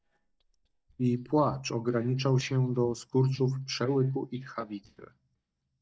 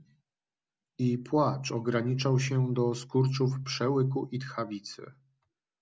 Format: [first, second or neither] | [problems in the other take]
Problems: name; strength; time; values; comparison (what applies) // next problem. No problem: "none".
second | noise reduction (neural mask model DeepFilterNet 3)